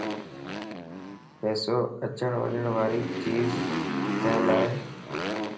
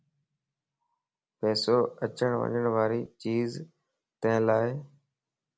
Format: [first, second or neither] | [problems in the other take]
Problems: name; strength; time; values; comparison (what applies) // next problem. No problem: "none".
second | background sound (Motorcycle); 2 dB below the speech // room echo; dies away in 0.5 s